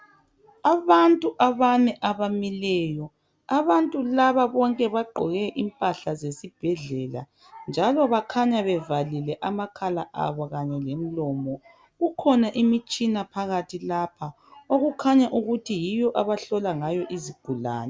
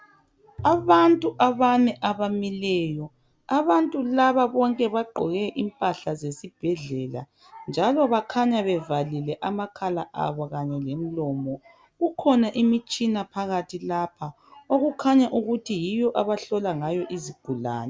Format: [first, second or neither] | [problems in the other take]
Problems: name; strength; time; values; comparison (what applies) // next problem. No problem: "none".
first | background sound (Bowed string instrument); 20 dB below the speech